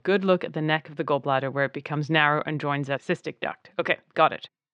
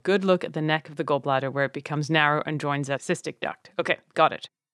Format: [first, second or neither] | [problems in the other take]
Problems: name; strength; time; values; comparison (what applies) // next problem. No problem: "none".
second | muffled; very slightly; fading above 3 kHz